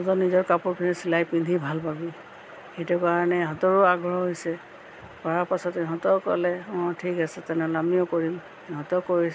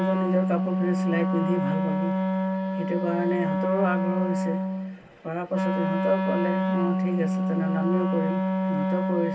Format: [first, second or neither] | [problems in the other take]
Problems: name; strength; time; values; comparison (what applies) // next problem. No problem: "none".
first | background sound (Wind instrument, woodwind instrument); 4 dB above the speech // room echo; dies away in 0.2 s